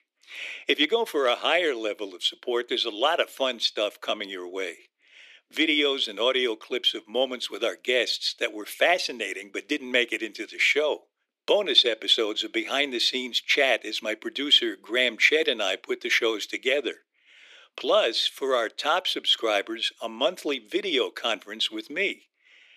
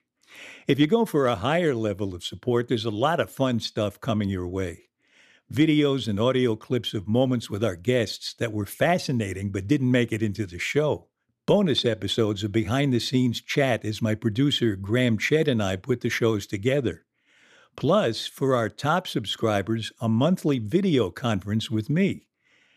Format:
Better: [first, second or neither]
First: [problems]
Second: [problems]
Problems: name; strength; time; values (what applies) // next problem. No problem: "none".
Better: second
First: thin; very; fading below 350 Hz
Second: none